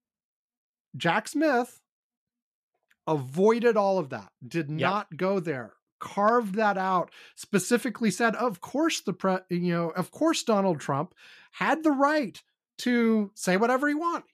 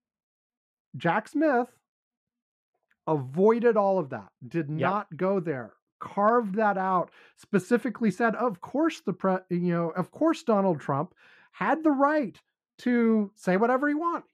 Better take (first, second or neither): first